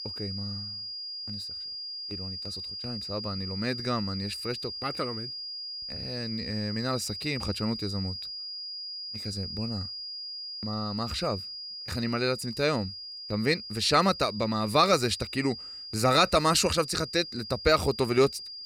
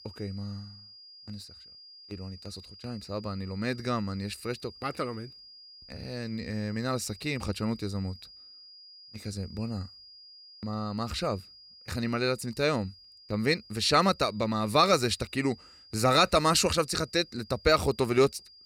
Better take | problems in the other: second | high-pitched whine; loud; throughout; 5 kHz, 8 dB below the speech; faint in the second

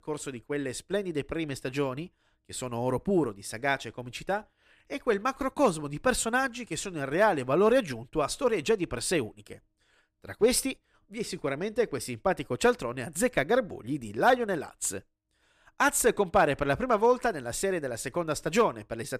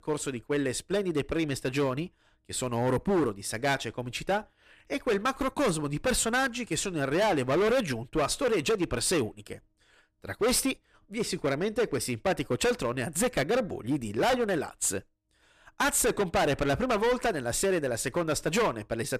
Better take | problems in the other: first | distortion; heavy; 12% of the sound clipped

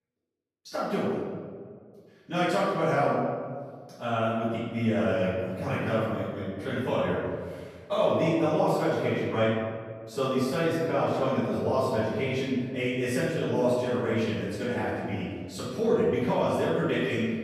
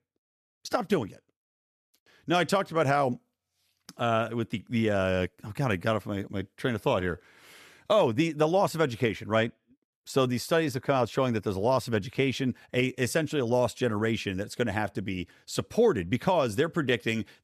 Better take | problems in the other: second | off-mic speech; far // room echo; strong; dies away in 1.6 s

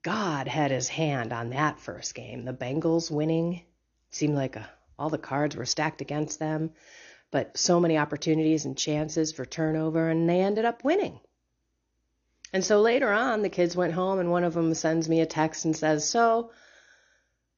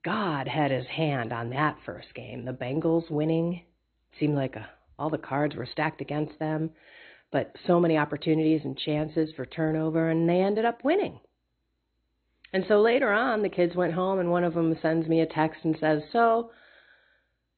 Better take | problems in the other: first | garbled, watery; badly; nothing above 4 kHz; slightly in the first

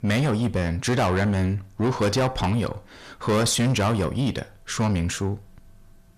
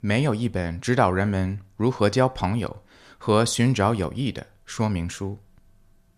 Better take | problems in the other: second | distortion; heavy; 6 dB below the speech

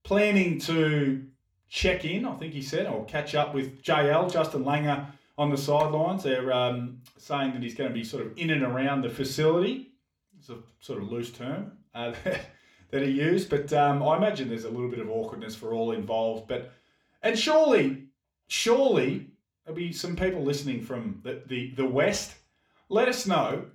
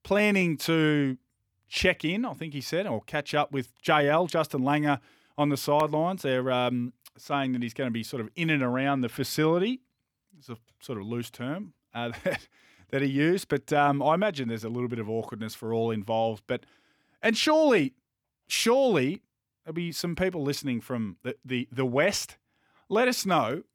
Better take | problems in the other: second | room echo; very slight; dies away in 0.3 s // off-mic speech; somewhat distant

